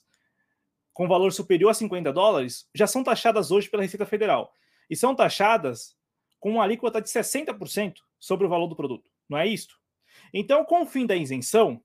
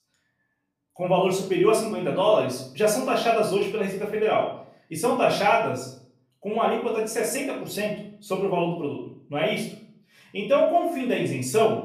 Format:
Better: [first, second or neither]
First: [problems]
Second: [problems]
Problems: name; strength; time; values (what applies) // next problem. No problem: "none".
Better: first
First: none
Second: off-mic speech; far // room echo; slight; dies away in 0.5 s